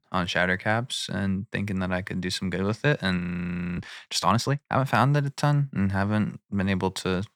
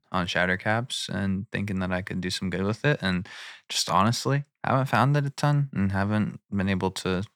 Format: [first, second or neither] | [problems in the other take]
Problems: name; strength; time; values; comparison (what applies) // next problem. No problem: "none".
second | audio freezing; at 3 s for 0.5 s